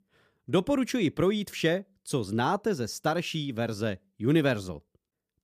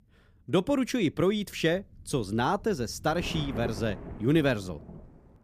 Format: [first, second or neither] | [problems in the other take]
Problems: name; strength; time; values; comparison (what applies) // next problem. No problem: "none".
first | rain or running water; noticeable; throughout; 15 dB below the speech